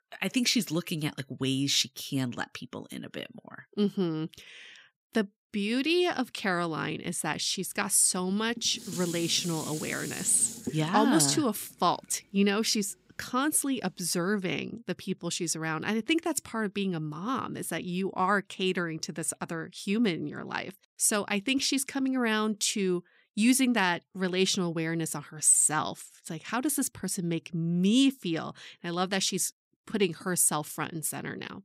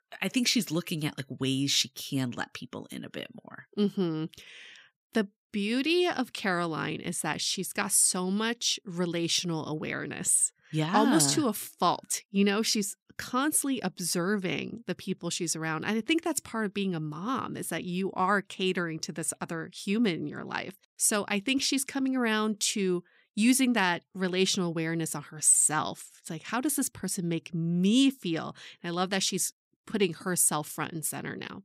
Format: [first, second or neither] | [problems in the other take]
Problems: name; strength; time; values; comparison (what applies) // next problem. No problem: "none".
second | clattering dishes; noticeable; from 8.5 to 11 s; peak 8 dB below the speech